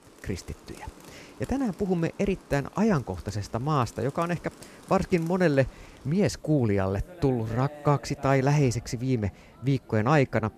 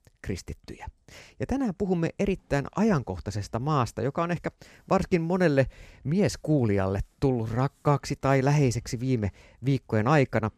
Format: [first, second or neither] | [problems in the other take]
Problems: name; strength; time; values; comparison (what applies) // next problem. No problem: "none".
second | rain or running water; faint; throughout; 20 dB below the speech